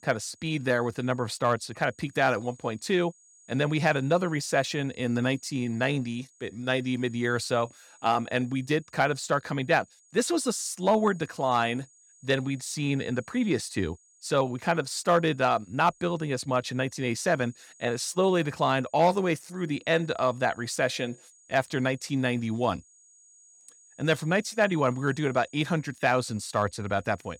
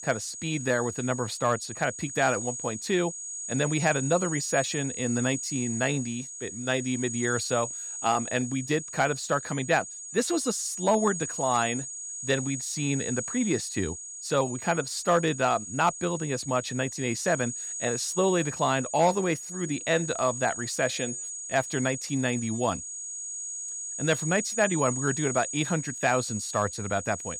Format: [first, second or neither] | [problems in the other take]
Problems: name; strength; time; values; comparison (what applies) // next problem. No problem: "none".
first | high-pitched whine; loud; throughout; 6.5 kHz, 6 dB below the speech; faint in the first